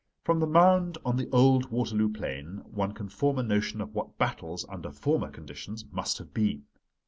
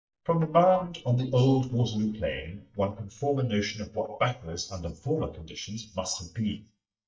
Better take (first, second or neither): first